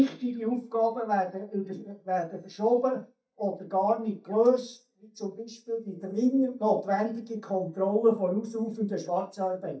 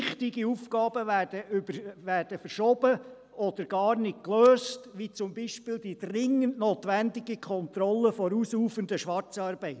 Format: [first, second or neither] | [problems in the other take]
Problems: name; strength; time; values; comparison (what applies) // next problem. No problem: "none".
second | noise reduction (neural mask model DeepFilterNet 3)